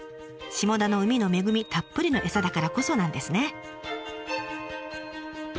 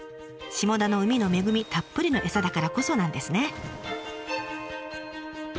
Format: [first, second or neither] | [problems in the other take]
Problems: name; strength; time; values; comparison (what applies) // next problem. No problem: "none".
first | background sound (Splash, splatter); 18 dB below the speech